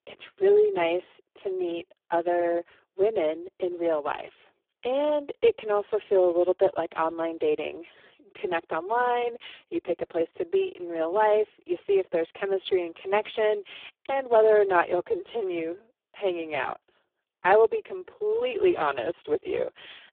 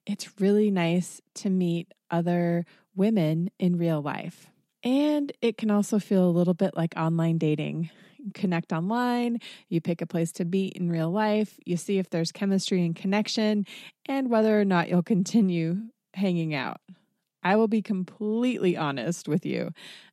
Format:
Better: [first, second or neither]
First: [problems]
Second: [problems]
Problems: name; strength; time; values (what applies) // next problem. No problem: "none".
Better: second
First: phone-call audio; poor line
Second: none